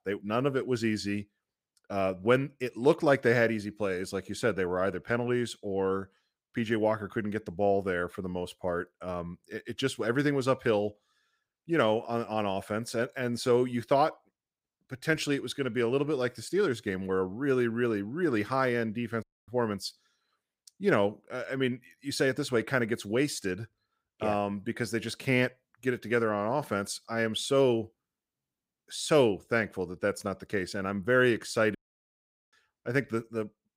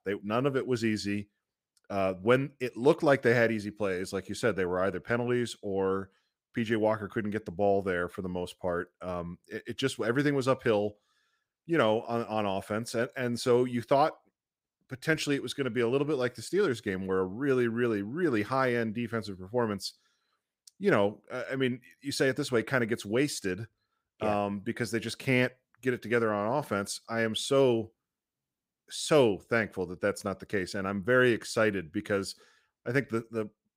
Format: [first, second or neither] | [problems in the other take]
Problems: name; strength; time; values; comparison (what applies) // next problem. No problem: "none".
second | audio cutting out; at 19 s and at 32 s for 1 s